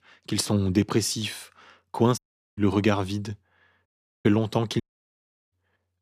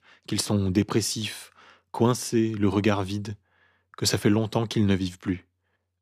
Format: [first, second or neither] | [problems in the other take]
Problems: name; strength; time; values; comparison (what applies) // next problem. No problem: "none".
second | audio cutting out; at 2 s, at 4 s and at 5 s for 0.5 s